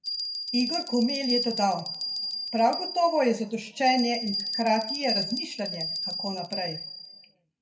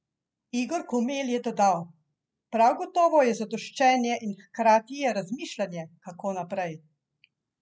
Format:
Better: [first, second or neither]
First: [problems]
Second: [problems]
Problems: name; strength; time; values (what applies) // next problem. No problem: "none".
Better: second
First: background sound (Bell); 5 dB below the speech // room echo; dies away in 0.7 s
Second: none